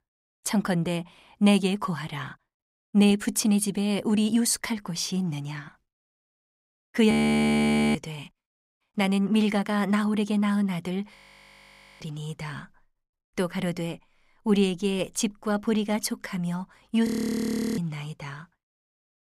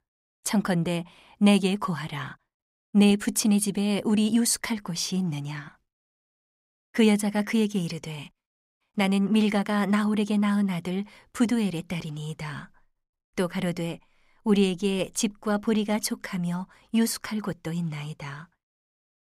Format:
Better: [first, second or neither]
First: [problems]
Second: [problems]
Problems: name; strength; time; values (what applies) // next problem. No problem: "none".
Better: second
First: audio freezing; at 7 s for 1 s, at 11 s for 1 s and at 17 s for 0.5 s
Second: none